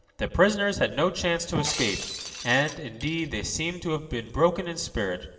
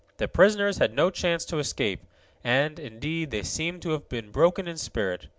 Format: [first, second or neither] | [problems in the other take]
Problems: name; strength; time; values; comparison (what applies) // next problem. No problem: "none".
second | background sound (Shatter); 10 dB below the speech // room echo; dies away in 1.9 s